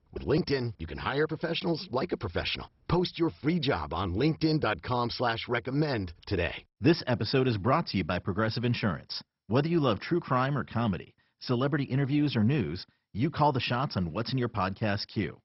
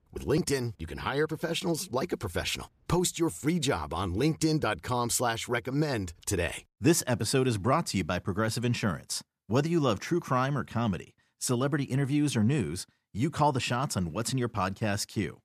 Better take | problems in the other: second | garbled, watery; badly; nothing above 5.5 kHz

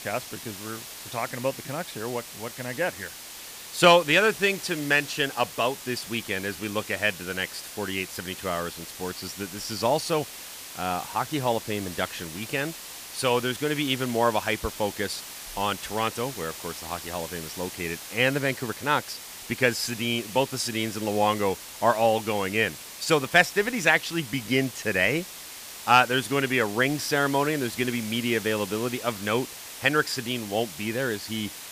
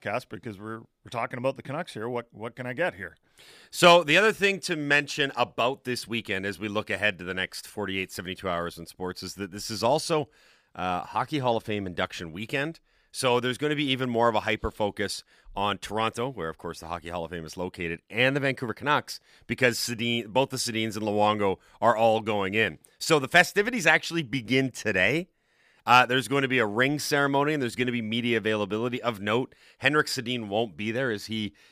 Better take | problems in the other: second | hiss; noticeable; throughout; 10 dB below the speech

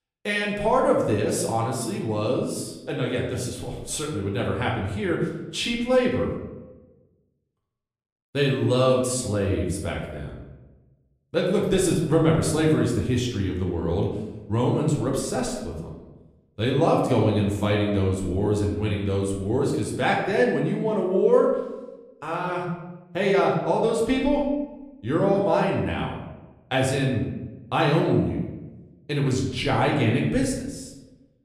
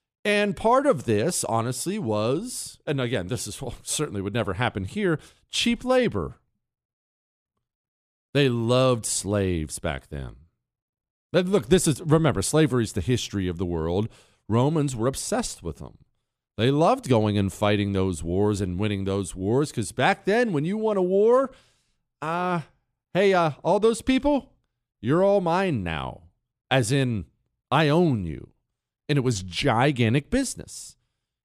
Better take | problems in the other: second | room echo; noticeable; dies away in 0.9 s // off-mic speech; somewhat distant

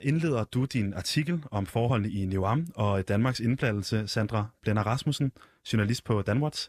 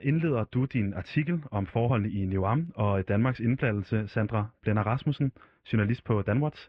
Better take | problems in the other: first | muffled; very; fading above 2.5 kHz

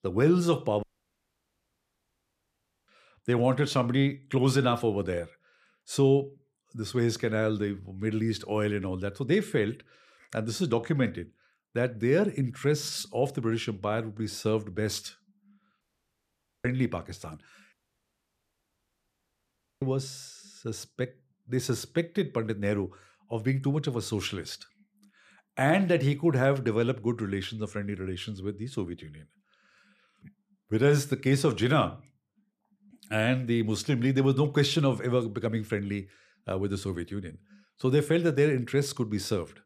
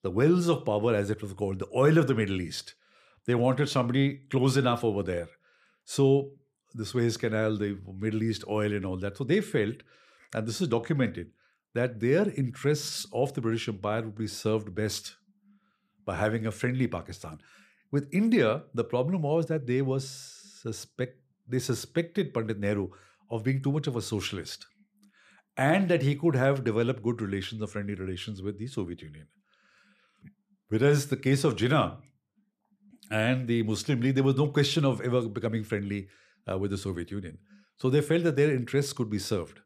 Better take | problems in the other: second | audio cutting out; at 1 s for 2 s, at 16 s for 1 s and at 18 s for 2 s

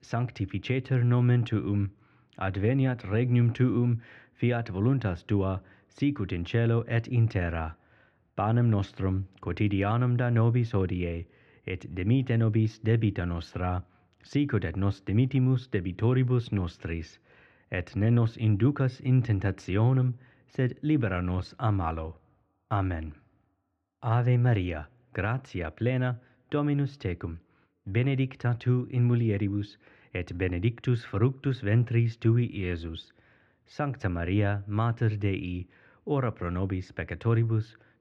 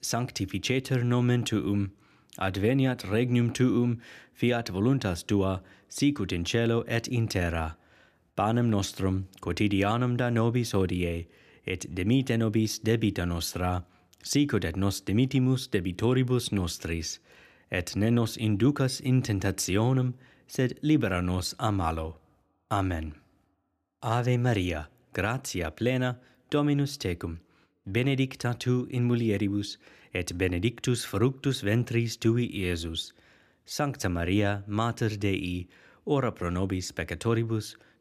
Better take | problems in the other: second | muffled; very; fading above 2 kHz

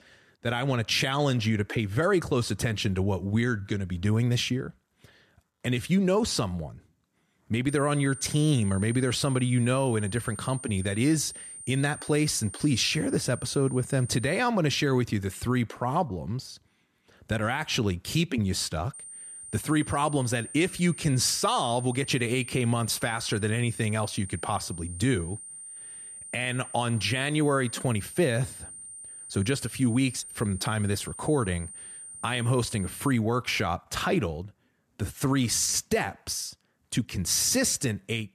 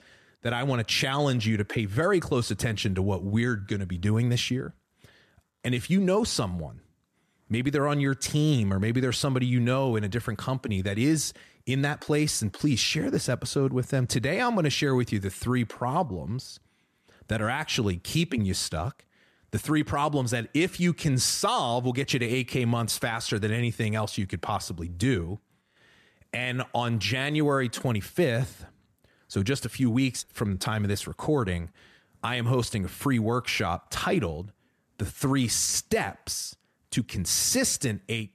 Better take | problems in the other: second | high-pitched whine; noticeable; from 7.5 to 14 s and from 19 to 33 s; 9 kHz, 15 dB below the speech

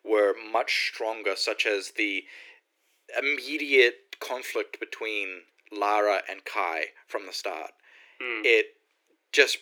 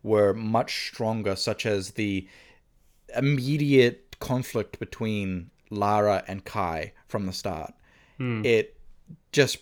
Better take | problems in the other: second | thin; very; fading below 300 Hz

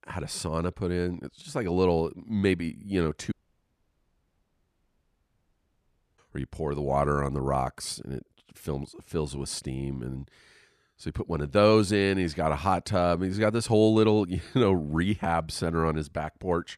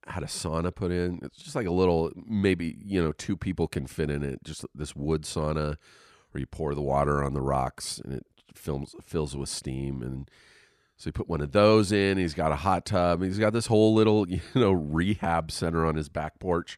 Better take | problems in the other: second | audio cutting out; at 3.5 s for 3 s

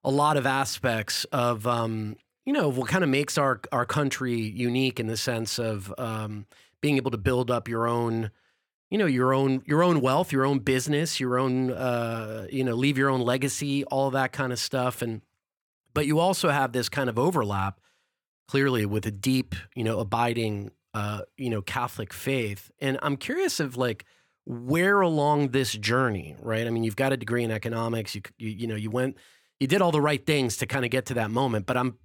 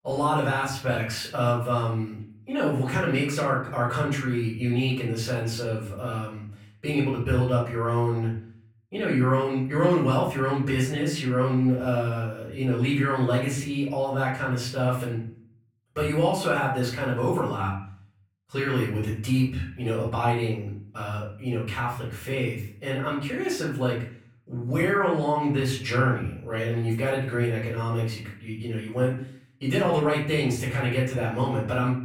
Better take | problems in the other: first | off-mic speech; far // room echo; noticeable; dies away in 0.5 s

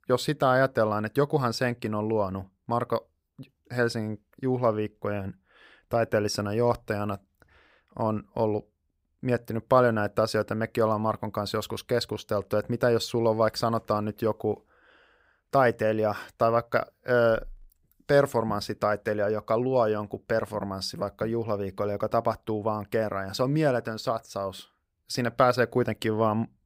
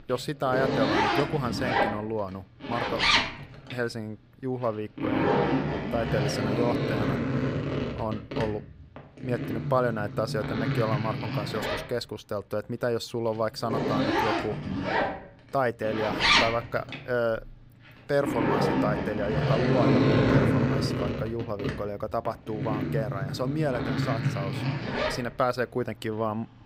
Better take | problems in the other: first | household noises; very loud; throughout; 4 dB above the speech

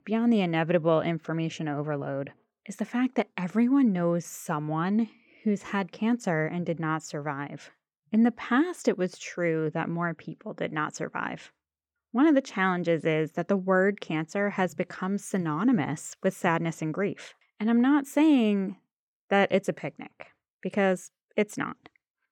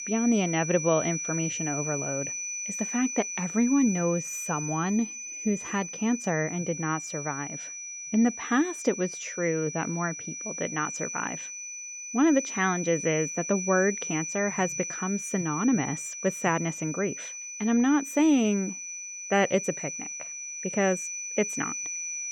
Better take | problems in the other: first | high-pitched whine; loud; throughout; 6 kHz, 6 dB below the speech

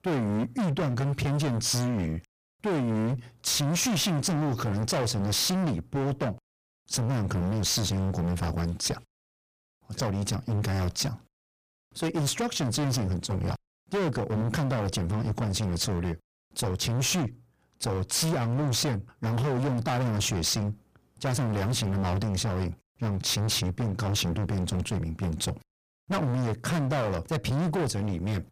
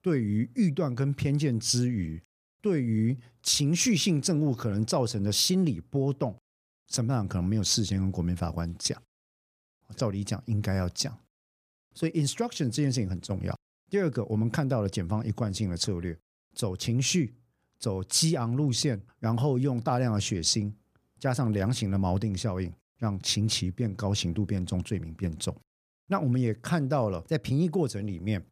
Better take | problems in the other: second | distortion; heavy; 32% of the sound clipped

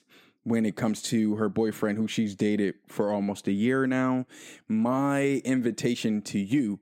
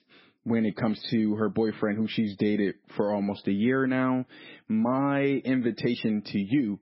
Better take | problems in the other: first | garbled, watery; badly; nothing above 5.5 kHz

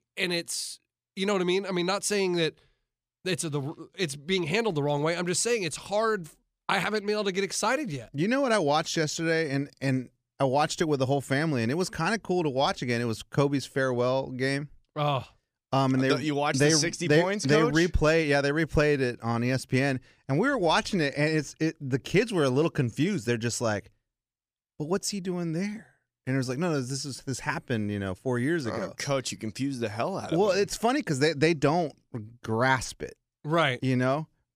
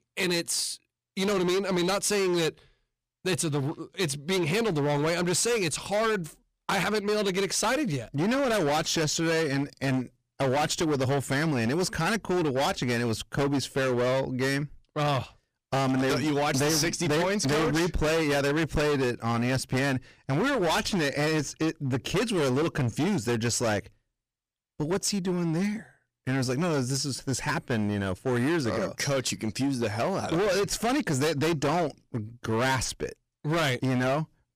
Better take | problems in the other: first | distortion; heavy; 23% of the sound clipped

